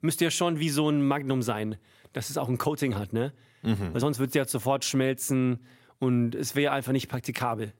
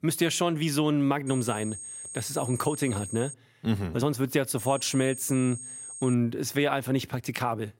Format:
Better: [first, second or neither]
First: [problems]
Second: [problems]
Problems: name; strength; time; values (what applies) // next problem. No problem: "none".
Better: first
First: none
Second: high-pitched whine; noticeable; from 1.5 to 3.5 s and from 4.5 to 6 s; 8.5 kHz, 10 dB below the speech